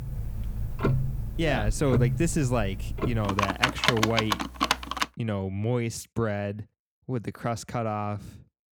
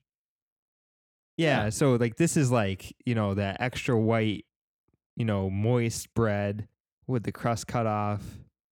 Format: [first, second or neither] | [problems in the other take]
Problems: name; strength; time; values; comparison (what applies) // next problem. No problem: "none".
second | household noises; very loud; until 5 s; as loud as the speech